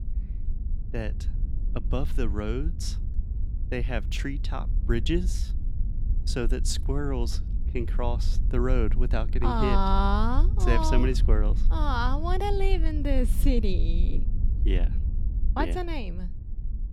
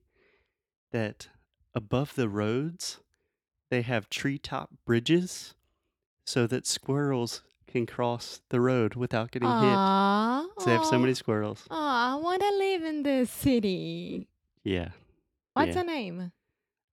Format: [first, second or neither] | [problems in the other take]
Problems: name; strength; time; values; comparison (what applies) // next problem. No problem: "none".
second | wind noise on the microphone; occasional gusts; 15 dB below the speech